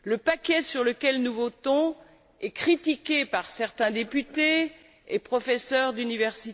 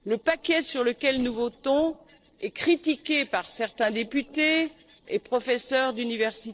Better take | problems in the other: first | noise reduction (neural separator model SepFormer DNS4)

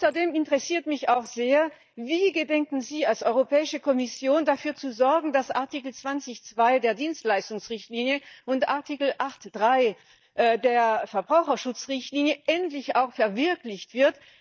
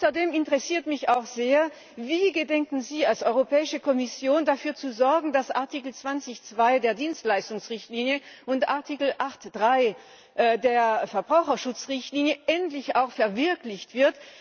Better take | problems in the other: second | noise reduction (neural mask model DeepFilterNet 3)

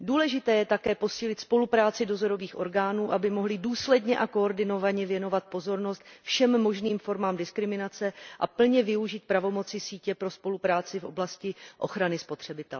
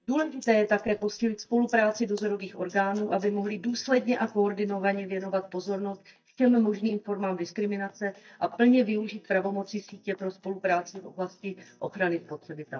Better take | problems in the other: first | noise reduction (neural mask model DeepFilterNet 3)

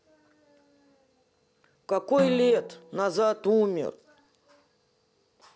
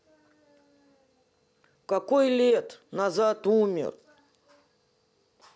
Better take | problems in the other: second | background sound (Drum); 11 dB below the speech

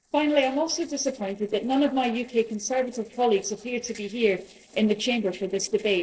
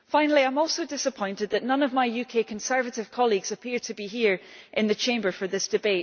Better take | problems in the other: second | noise reduction (neural separator model SepFormer DNS4)

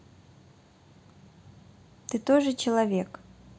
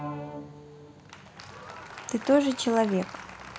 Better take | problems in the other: first | background sound (Applause); 12 dB below the speech

